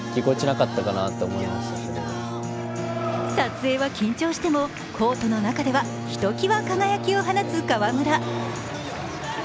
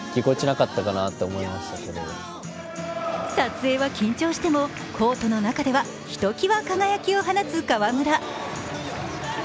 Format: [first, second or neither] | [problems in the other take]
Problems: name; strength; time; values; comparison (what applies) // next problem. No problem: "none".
second | background sound (Bowed string instrument); 7 dB below the speech